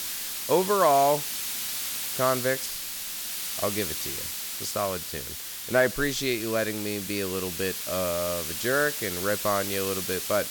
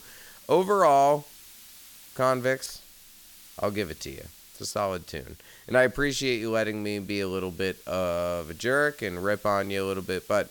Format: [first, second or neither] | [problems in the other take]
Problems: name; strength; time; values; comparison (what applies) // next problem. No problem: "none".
second | hiss; loud; throughout; 3 dB below the speech; faint in the second